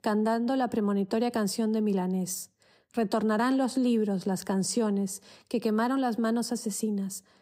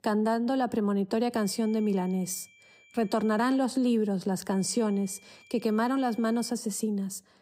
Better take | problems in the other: first | high-pitched whine; faint; from 1.5 to 3.5 s and from 4.5 to 6.5 s; 2.5 kHz, 25 dB below the speech

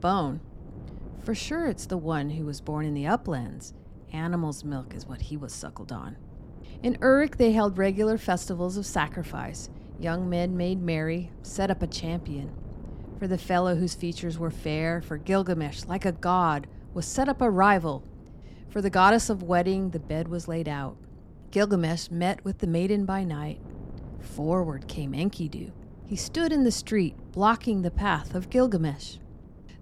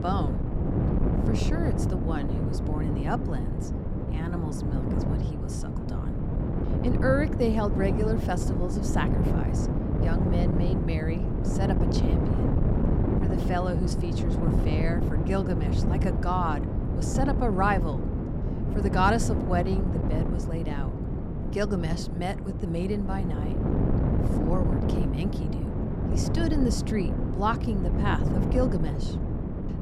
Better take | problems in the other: first | wind noise on the microphone; heavy; 3 dB below the speech; occasional gusts in the first

